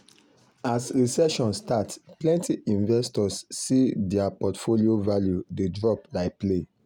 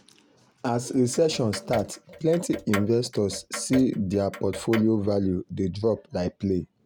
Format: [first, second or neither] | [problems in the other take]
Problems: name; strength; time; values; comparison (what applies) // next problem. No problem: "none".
first | background sound (Clock); 13 dB below the speech